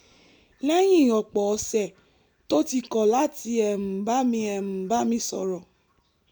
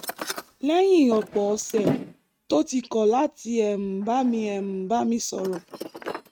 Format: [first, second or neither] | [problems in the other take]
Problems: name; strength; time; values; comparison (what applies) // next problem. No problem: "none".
first | noise reduction (neural mask model RNNoise)